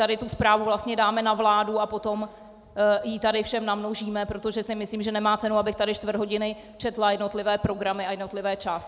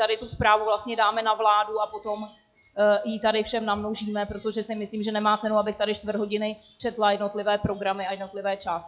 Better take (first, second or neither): first